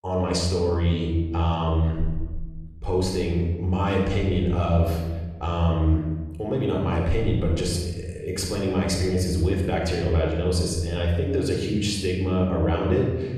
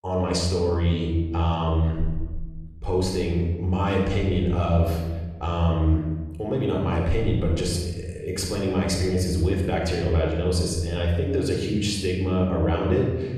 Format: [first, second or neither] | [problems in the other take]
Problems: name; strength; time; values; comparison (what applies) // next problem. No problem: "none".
neither | off-mic speech; somewhat distant; the same in both // room echo; noticeable; dies away in 1.3 s; the same in both